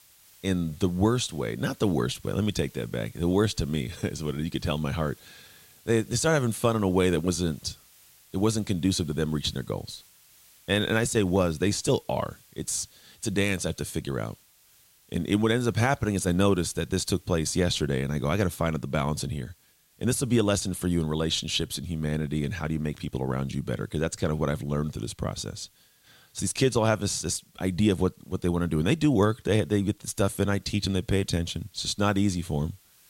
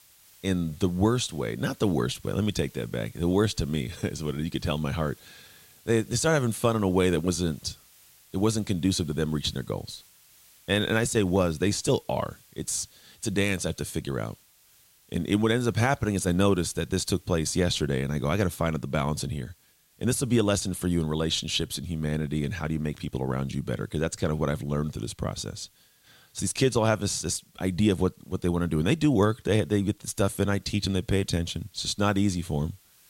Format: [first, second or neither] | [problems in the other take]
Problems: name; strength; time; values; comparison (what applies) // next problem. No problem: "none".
neither | hiss; faint; throughout; 30 dB below the speech; the same in both